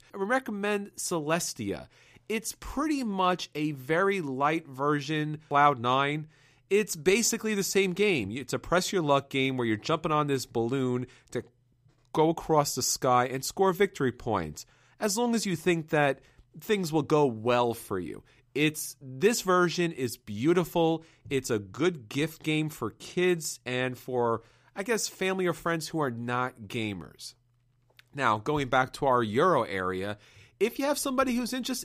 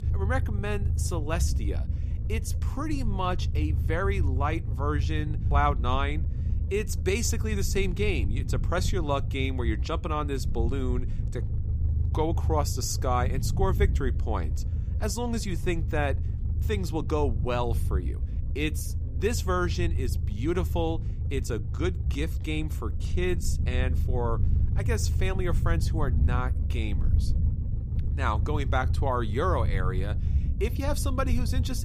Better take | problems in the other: first | low rumble; noticeable; throughout; 15 dB below the speech

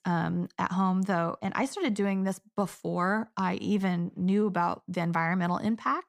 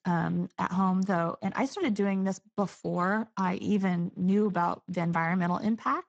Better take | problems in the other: first | garbled, watery; badly; nothing above 7.5 kHz

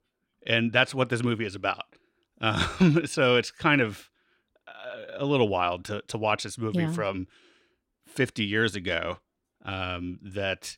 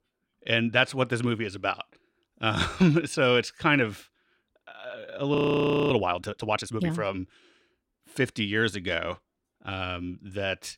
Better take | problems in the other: first | audio freezing; at 5.5 s for 0.5 s

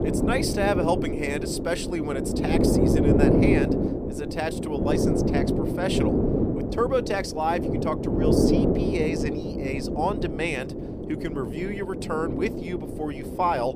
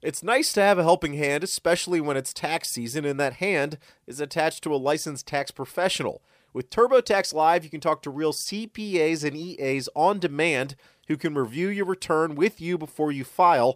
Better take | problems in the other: second | wind noise on the microphone; heavy; as loud as the speech

